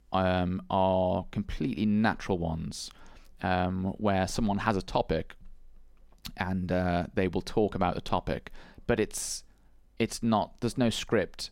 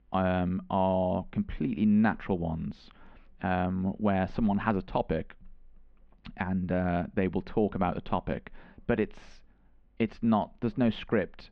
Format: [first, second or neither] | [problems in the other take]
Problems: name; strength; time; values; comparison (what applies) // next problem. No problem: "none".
first | muffled; very; fading above 3 kHz